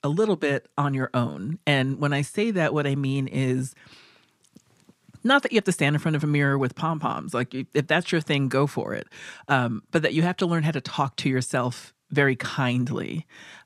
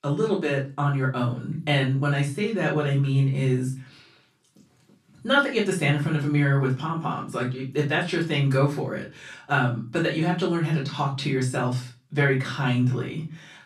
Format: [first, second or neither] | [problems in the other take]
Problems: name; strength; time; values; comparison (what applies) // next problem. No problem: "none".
first | off-mic speech; far // room echo; slight; dies away in 0.3 s